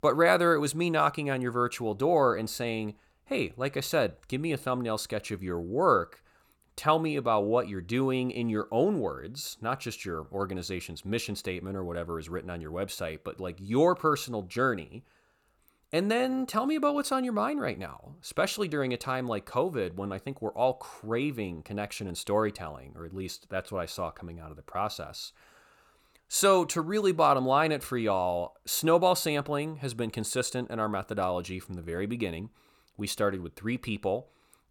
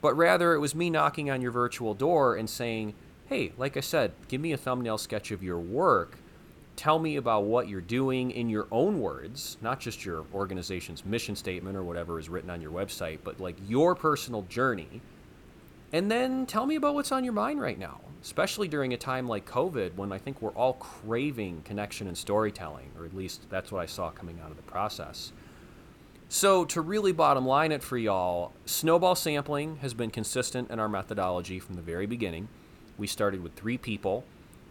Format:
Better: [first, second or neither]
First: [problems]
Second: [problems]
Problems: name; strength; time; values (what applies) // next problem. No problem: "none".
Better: first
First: none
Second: hiss; faint; throughout; 25 dB below the speech